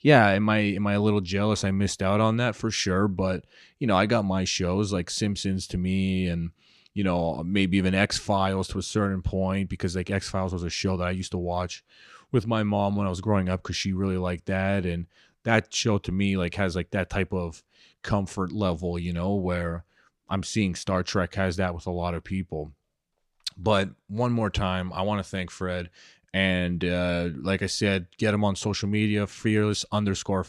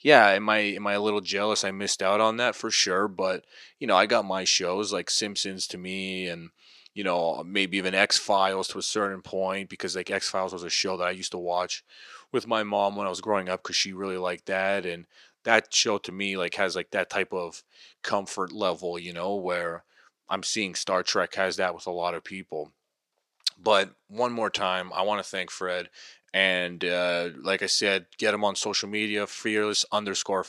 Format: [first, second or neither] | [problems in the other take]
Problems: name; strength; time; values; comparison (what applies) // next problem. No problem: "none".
first | thin; somewhat; fading below 450 Hz